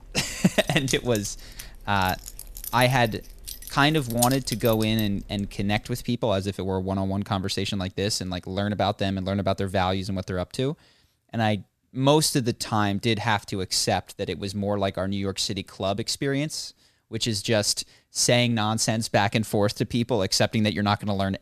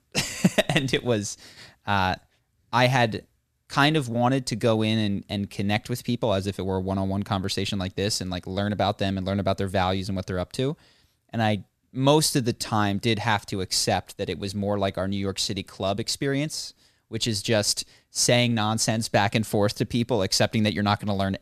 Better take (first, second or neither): second